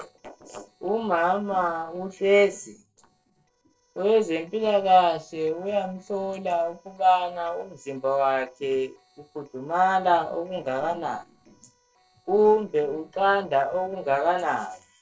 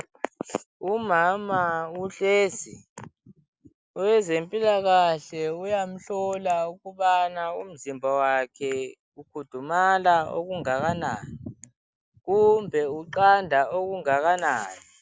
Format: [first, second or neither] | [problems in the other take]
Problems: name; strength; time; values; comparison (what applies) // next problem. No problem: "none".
second | noise reduction (neural separator model SepFormer DNS4)